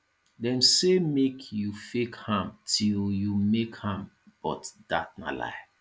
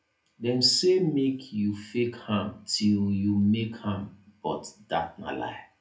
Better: first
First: none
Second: room echo; dies away in 0.3 s

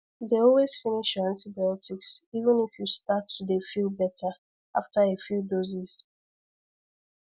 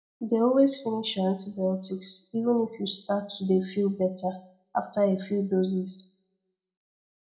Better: first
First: none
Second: room echo; dies away in 0.3 s

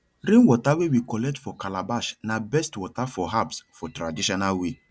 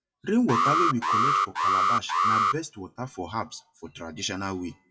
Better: first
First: none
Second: noise reduction (classical method WPE with log-MMSE)

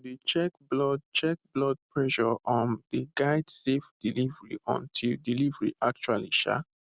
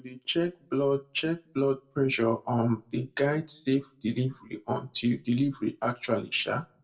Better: first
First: none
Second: room echo; dies away in 0.2 s

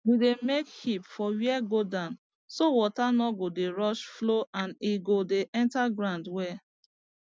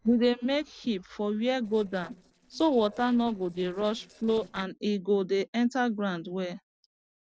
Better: first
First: none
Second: noise reduction (neural separator model SepFormer DNS4)

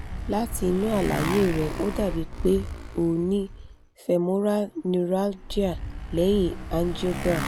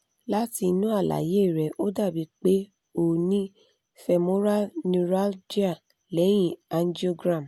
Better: second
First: background sound (Motorcycle); 7 dB below the speech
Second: none

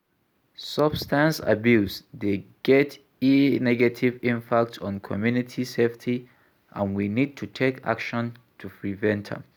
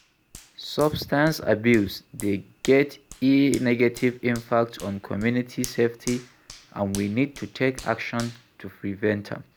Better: first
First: none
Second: background sound (Hands); 20 dB below the speech

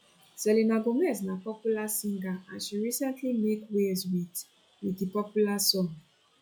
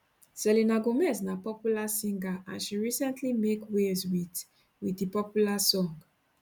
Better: second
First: noise reduction (classical method log-MMSE)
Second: none

